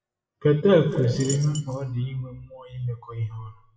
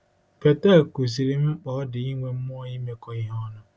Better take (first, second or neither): second